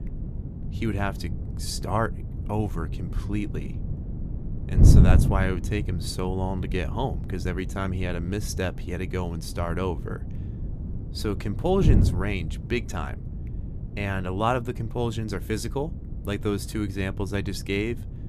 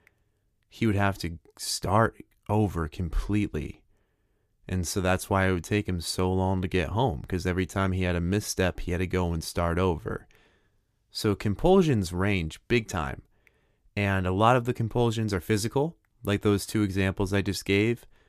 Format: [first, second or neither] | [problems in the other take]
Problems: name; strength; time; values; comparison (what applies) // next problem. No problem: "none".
second | wind noise on the microphone; heavy; 10 dB below the speech